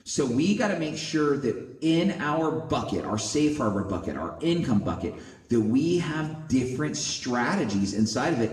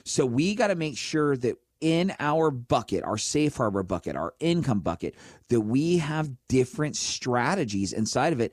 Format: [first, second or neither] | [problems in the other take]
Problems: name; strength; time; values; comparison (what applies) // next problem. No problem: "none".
second | room echo; slight; dies away in 0.9 s // off-mic speech; somewhat distant